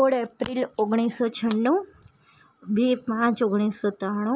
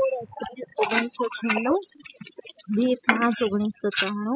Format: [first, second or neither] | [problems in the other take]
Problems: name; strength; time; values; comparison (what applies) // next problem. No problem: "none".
first | noise reduction (classical method spectral subtraction)